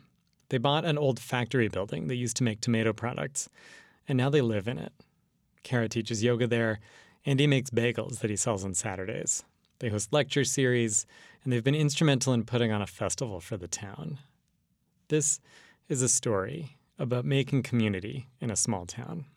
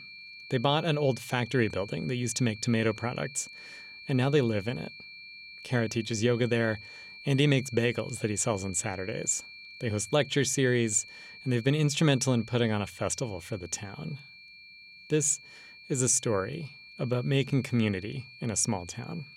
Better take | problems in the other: first | high-pitched whine; noticeable; throughout; 2.5 kHz, 15 dB below the speech

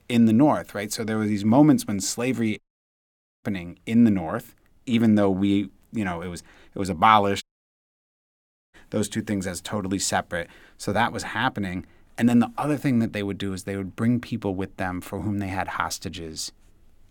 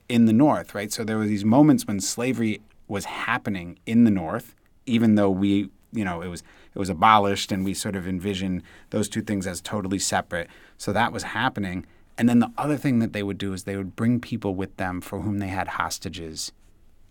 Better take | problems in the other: second | audio cutting out; at 2.5 s for 1 s and at 7.5 s for 1.5 s

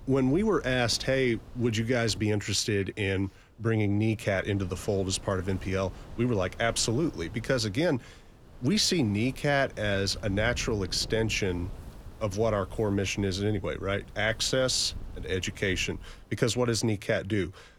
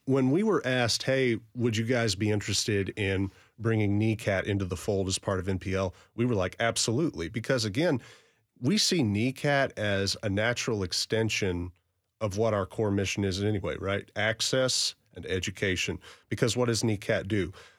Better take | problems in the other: second | wind noise on the microphone; occasional gusts; 25 dB below the speech

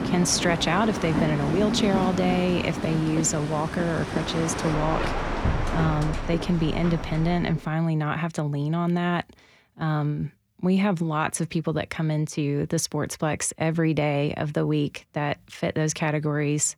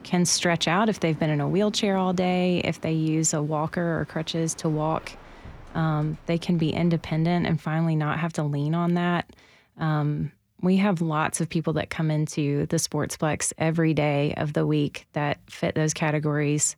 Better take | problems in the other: second | train or aircraft noise; loud; until 7.5 s; 4 dB below the speech; faint in the second

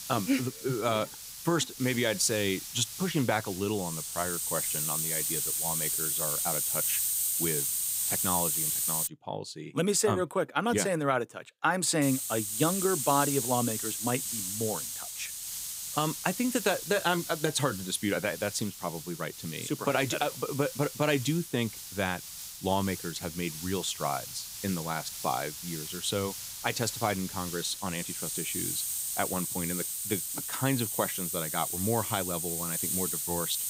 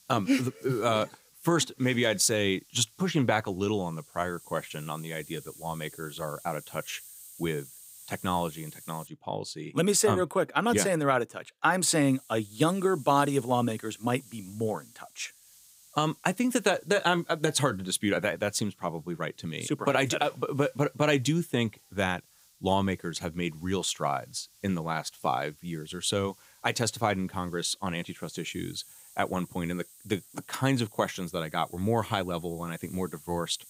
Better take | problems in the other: second | hiss; loud; until 9 s and from 12 s on; 1 dB below the speech; faint in the second

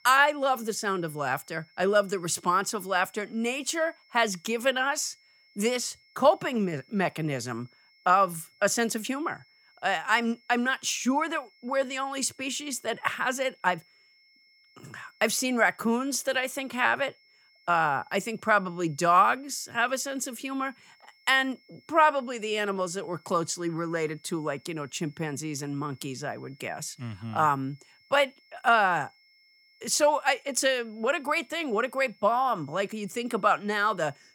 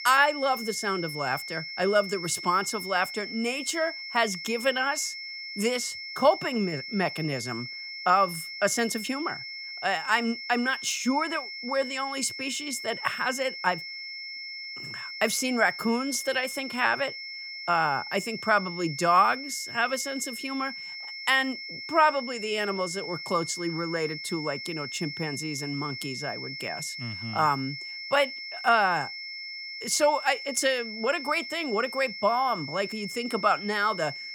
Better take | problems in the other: first | high-pitched whine; loud; throughout; 2 kHz, 8 dB below the speech; faint in the first

